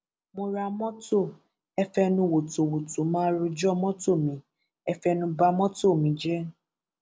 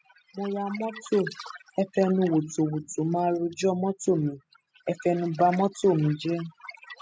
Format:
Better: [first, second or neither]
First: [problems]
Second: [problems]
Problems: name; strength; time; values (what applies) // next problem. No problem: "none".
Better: first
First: none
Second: noise reduction (classical method spectral subtraction)